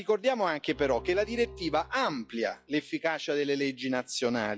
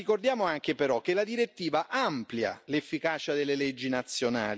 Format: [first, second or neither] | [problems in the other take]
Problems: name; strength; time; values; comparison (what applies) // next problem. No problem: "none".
second | noise reduction (classical method log-MMSE)